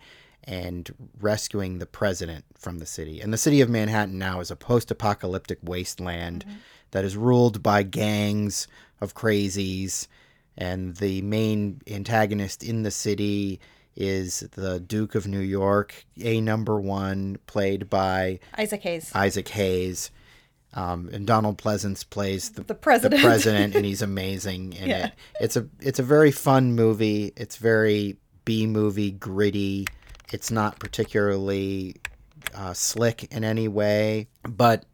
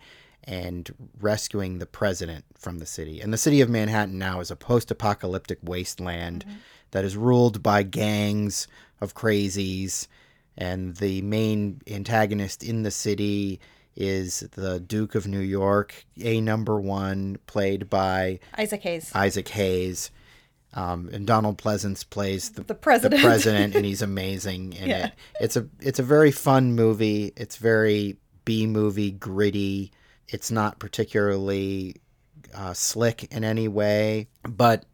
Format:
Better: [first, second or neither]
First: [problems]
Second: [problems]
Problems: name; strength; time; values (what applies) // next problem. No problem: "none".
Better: second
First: keyboard typing; faint; from 30 to 33 s; peak 10 dB below the speech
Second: none